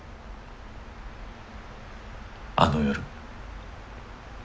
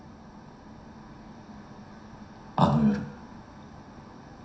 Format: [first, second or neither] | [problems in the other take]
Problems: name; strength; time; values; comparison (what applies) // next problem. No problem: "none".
first | room echo; dies away in 0.7 s